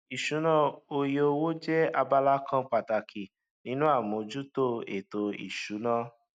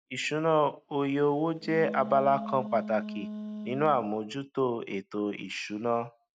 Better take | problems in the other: first | background sound (Wind instrument, woodwind instrument); 10 dB below the speech

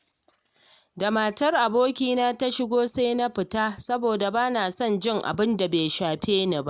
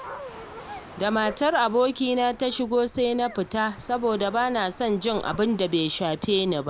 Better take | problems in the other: first | background sound (Waves, surf + Dog); 18 dB below the speech

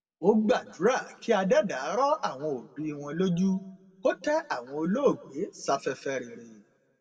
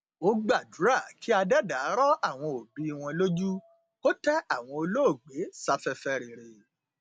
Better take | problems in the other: second | room echo; dies away in 1.2 s

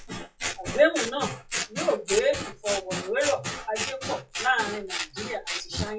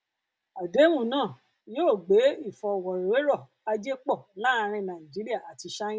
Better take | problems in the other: second | noise reduction (classical method WPE with log-MMSE)

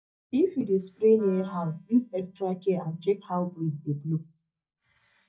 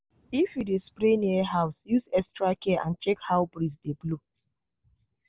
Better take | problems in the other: second | noise reduction (neural mask model DeepFilterNet 3)

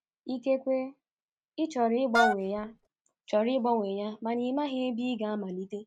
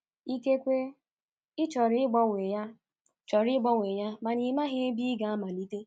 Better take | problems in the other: second | background sound (Wind instrument, woodwind instrument); 1 dB above the speech

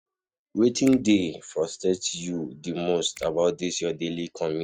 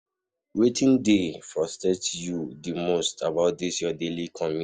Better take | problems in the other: second | noise reduction (neural mask model RNNoise)

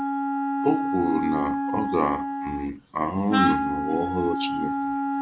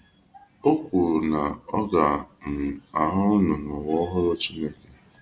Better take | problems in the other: second | background sound (Wind instrument, woodwind instrument); 1 dB above the speech

